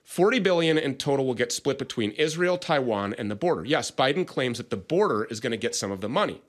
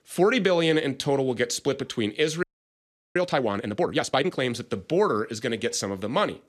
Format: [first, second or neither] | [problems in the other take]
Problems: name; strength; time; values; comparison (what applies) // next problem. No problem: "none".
first | audio freezing; at 2.5 s for 0.5 s